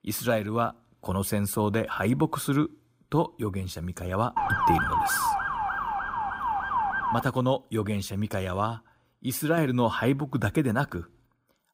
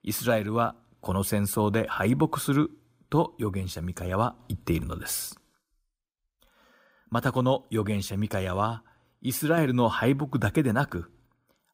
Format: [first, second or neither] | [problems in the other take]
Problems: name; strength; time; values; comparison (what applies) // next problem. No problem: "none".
second | siren; loud; from 4.5 to 7 s; peak 4 dB above the speech